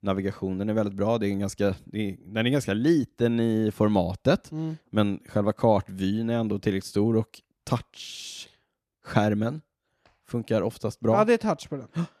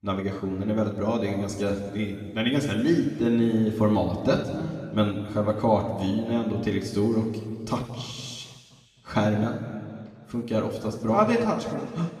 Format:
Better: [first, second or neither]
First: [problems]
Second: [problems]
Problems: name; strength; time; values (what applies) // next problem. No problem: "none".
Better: first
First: none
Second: room echo; noticeable; dies away in 1.8 s // off-mic speech; far